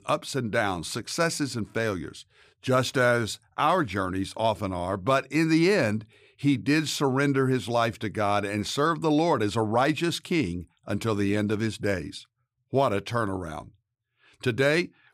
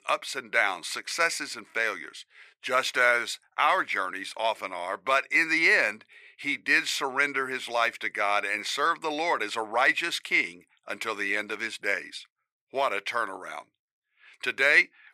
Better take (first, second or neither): first